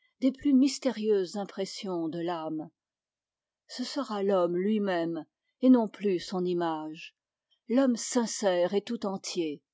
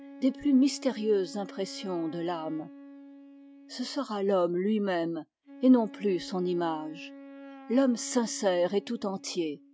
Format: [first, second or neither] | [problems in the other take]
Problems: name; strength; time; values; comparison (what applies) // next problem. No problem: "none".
first | background sound (Wind instrument, woodwind instrument); 18 dB below the speech